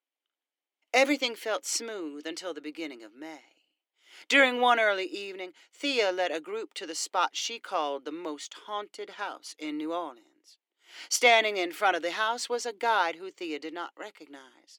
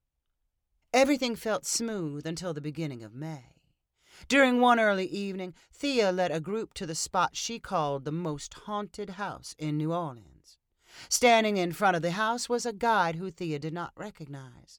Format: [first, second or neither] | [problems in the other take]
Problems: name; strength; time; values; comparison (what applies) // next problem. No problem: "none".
second | thin; very slightly; fading below 300 Hz